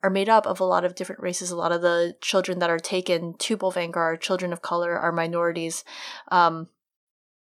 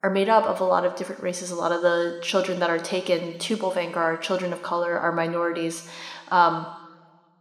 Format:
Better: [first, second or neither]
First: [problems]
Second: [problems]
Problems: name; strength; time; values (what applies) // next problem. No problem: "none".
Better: first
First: none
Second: room echo; slight; dies away in 1.3 s